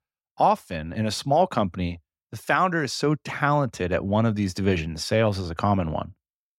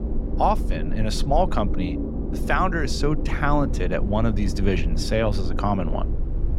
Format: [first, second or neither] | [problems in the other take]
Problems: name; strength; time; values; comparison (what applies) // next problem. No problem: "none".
first | low rumble; noticeable; throughout; 10 dB below the speech